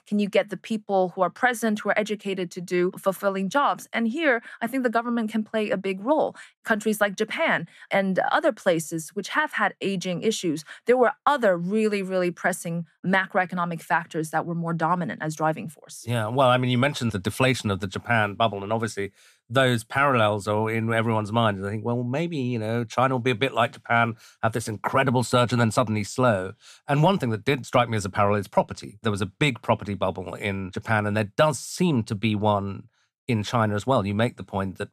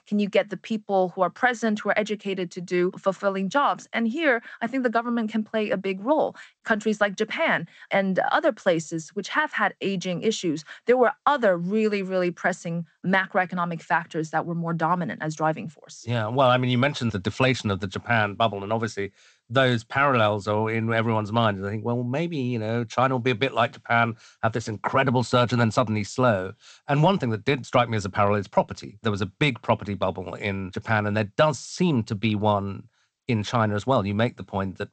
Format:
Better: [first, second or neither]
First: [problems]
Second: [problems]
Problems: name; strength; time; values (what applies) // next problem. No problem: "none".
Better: first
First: none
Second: garbled, watery; slightly; nothing above 8 kHz